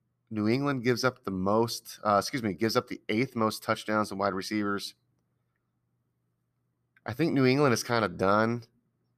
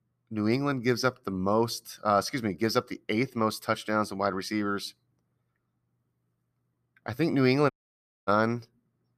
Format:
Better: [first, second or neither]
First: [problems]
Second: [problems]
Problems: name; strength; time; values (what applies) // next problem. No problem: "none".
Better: first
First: none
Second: audio cutting out; at 7.5 s for 0.5 s